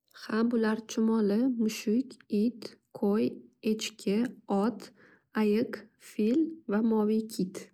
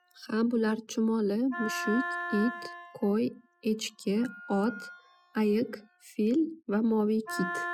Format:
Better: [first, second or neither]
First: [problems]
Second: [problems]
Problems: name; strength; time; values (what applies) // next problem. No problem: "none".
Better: first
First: none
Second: noise reduction (classical method spectral subtraction)